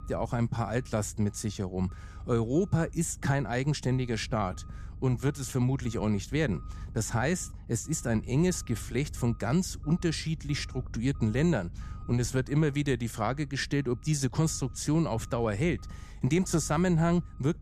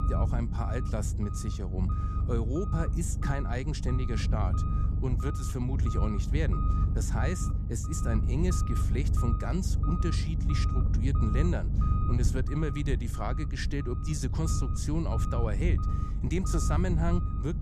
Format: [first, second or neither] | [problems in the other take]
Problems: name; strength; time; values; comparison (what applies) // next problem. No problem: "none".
first | low rumble; loud; throughout; 3 dB below the speech; faint in the first